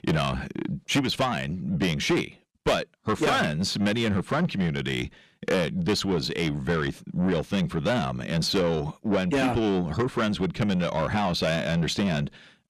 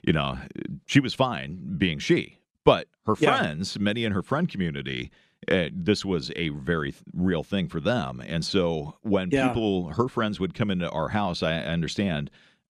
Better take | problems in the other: second | distortion; heavy; 6 dB below the speech

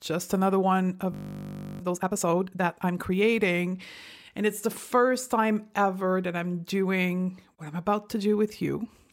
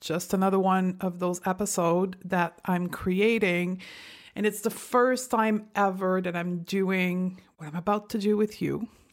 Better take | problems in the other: second | audio freezing; at 1 s for 0.5 s

